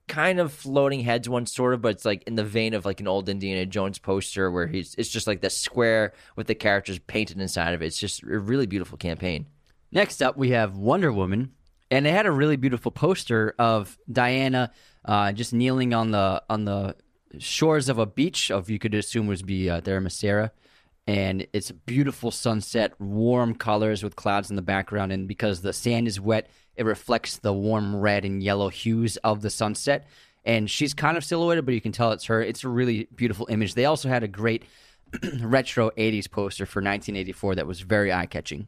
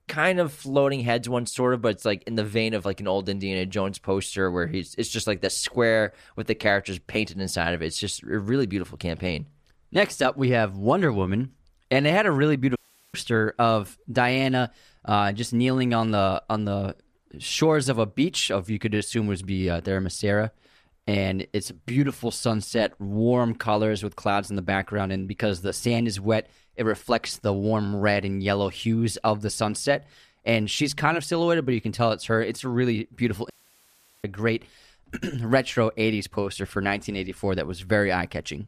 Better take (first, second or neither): first